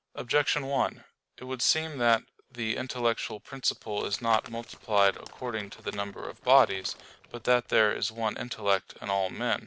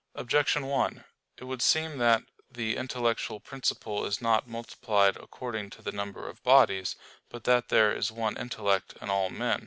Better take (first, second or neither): second